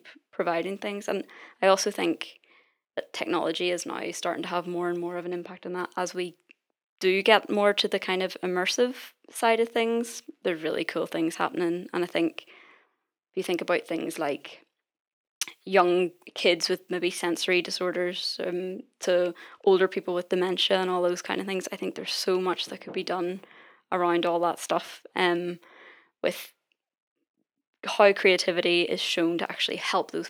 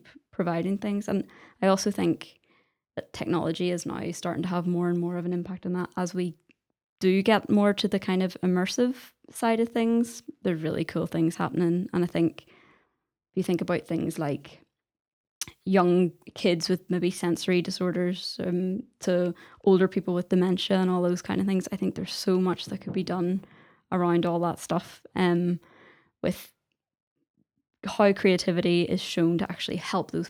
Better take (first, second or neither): second